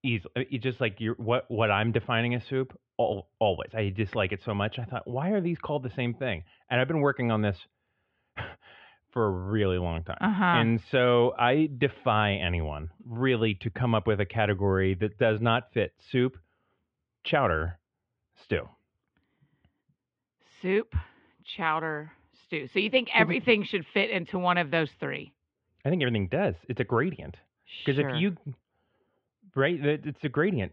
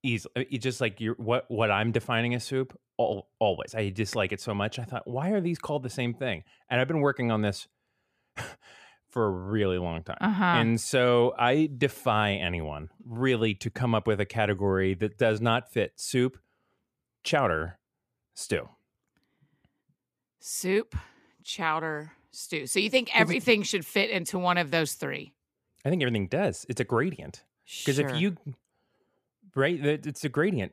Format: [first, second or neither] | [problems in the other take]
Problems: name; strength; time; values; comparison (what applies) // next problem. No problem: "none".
second | muffled; very; fading above 3.5 kHz